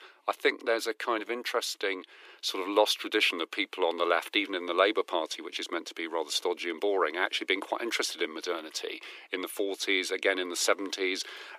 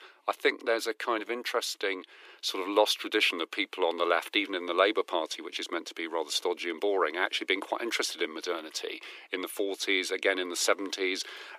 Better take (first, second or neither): neither